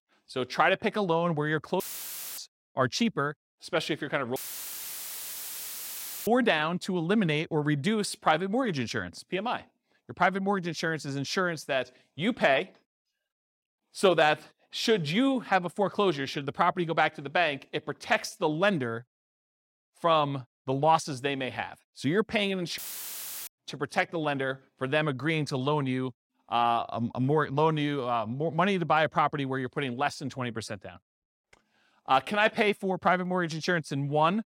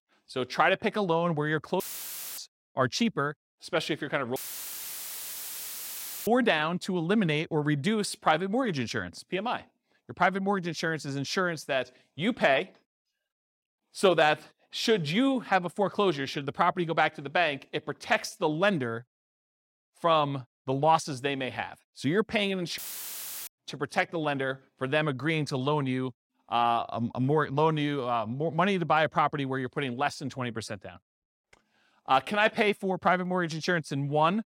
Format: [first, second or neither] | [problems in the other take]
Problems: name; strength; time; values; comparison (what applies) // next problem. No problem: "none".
neither | audio cutting out; filled with static; at 2 s for 0.5 s, at 4.5 s for 2 s and at 23 s for 0.5 s; the same in both